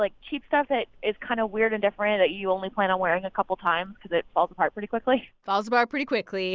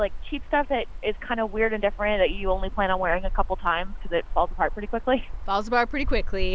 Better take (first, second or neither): first